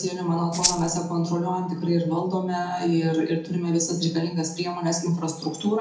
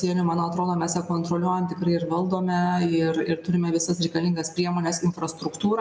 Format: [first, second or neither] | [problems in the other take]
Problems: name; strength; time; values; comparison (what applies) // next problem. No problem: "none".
second | background sound (Rattle (instrument)); 1 dB below the speech // room echo; dies away in 0.4 s